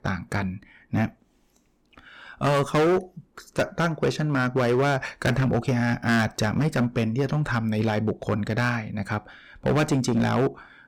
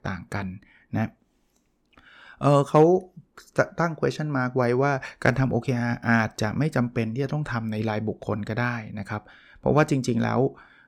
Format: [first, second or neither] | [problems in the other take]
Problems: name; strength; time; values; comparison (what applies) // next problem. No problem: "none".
second | distortion; heavy; 10% of the sound clipped